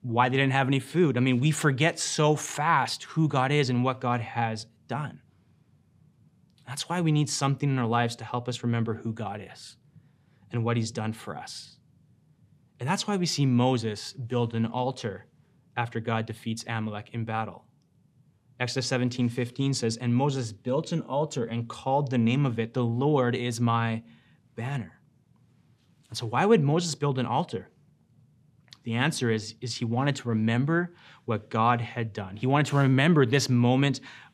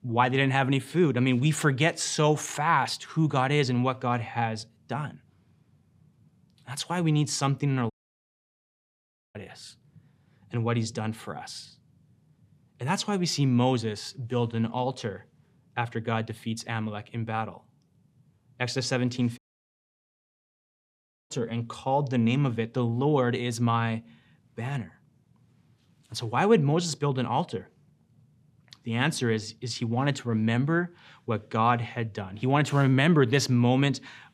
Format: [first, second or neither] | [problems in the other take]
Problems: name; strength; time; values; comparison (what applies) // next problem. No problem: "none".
first | audio cutting out; at 8 s for 1.5 s and at 19 s for 2 s